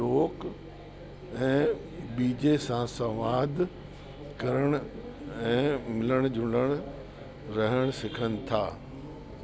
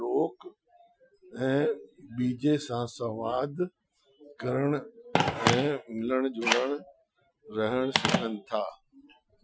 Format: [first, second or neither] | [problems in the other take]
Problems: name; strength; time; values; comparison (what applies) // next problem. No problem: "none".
first | noise reduction (classical method Wiener filter)